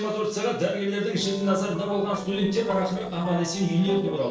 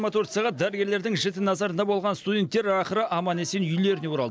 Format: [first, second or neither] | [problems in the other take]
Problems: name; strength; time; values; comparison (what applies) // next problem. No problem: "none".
second | noise reduction (neural separator model SepFormer DNS4)